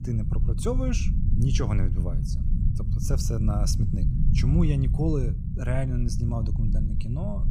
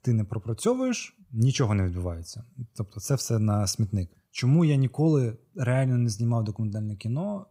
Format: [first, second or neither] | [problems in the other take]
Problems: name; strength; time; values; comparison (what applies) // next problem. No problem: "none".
second | low rumble; loud; throughout; 6 dB below the speech